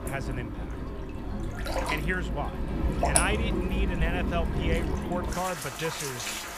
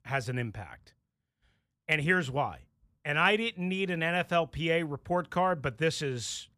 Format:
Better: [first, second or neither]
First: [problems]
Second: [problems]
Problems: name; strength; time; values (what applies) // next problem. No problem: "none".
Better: second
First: rain or running water; very loud; throughout; 2 dB above the speech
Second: none